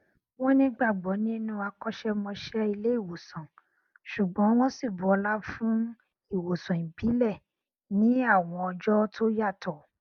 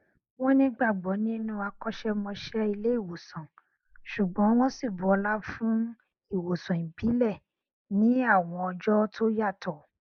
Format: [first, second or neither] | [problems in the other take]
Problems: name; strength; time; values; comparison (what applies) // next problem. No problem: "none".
first | noise reduction (neural mask model Resemble Enhance denoiser)